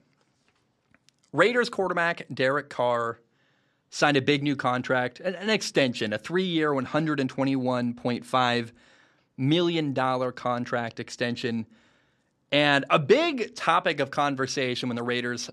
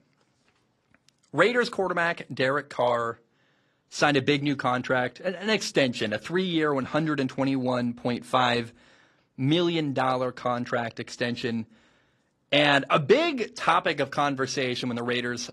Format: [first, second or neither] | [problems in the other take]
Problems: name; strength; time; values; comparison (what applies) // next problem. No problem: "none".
first | garbled, watery; slightly; nothing above 13 kHz